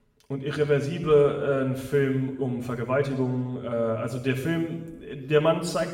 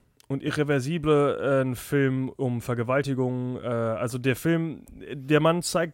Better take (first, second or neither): second